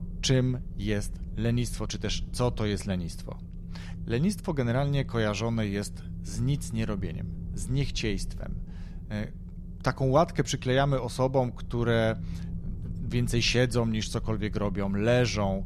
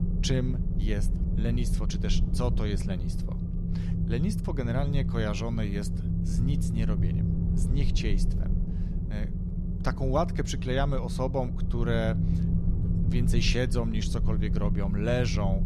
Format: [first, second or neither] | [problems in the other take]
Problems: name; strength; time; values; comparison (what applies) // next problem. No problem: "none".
first | low rumble; loud; throughout; 7 dB below the speech; faint in the first